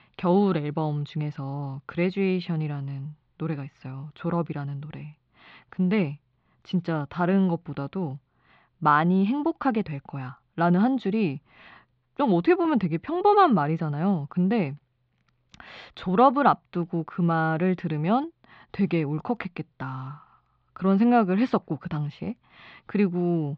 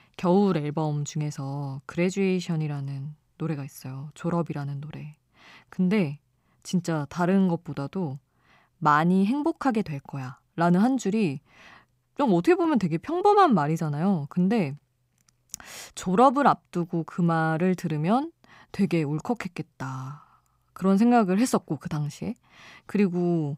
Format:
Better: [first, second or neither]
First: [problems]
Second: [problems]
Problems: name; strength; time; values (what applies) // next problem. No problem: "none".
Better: second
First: muffled; slightly; fading above 4 kHz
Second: none